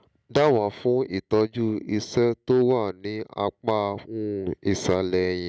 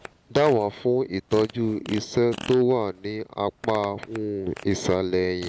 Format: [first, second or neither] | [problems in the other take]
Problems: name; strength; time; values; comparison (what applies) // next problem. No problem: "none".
first | background sound (Fart); 18 dB below the speech